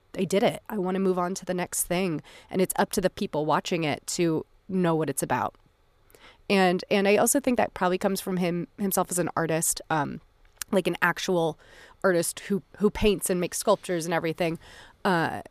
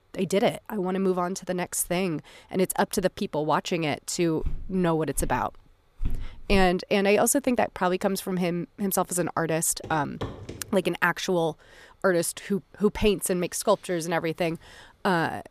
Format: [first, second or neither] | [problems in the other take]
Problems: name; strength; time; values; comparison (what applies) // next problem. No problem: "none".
first | footsteps; faint; from 4.5 to 6.5 s and from 10 to 11 s; peak 10 dB below the speech